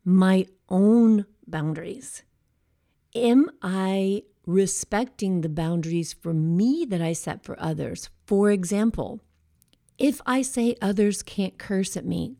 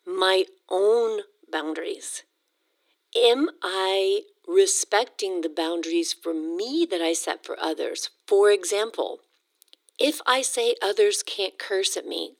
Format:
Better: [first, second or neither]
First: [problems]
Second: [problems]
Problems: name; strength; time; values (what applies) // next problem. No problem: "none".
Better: first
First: none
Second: thin; very; fading below 300 Hz